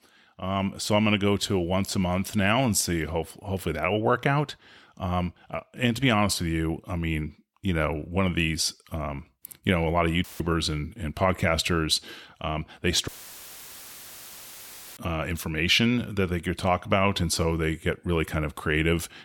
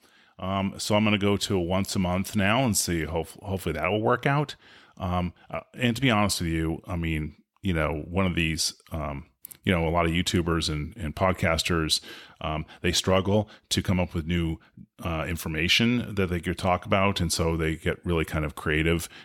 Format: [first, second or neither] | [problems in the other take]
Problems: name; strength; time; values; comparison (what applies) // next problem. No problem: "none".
second | audio cutting out; filled with static; at 10 s and at 13 s for 2 s